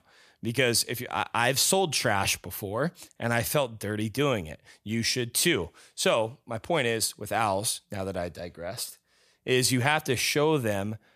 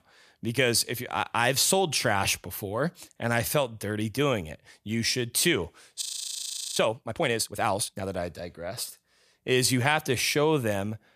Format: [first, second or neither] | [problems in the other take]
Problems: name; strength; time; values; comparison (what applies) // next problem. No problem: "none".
first | audio freezing; at 6 s for 0.5 s